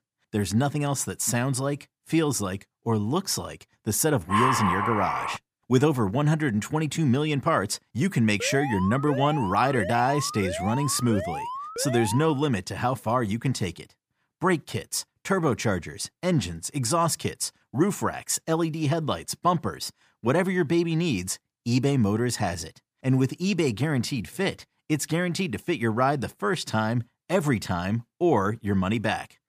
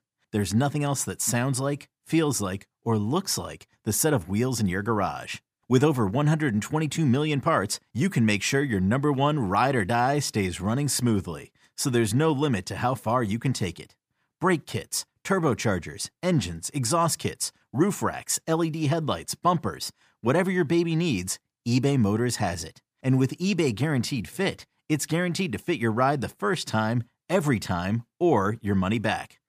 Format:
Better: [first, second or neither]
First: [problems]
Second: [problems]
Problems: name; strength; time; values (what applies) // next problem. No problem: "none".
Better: second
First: dog barking; loud; from 4.5 to 5.5 s; peak 3 dB above the speech // alarm; noticeable; from 8.5 to 12 s; peak 6 dB below the speech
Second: none